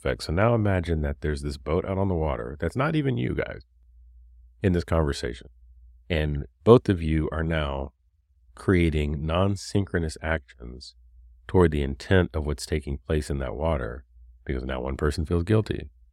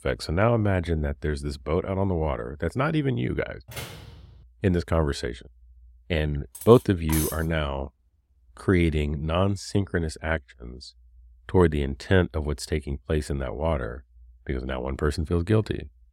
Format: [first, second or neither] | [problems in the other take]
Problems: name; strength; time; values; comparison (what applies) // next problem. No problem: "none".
first | door banging; faint; at 3.5 s; peak 10 dB below the speech // clattering dishes; noticeable; at 6.5 s; peak 4 dB below the speech